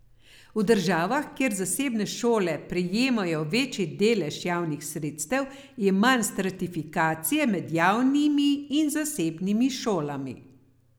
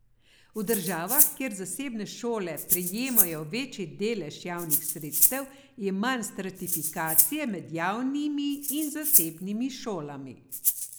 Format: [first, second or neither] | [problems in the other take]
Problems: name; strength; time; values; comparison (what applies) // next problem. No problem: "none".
first | noise reduction (neural mask model Resemble Enhance denoiser)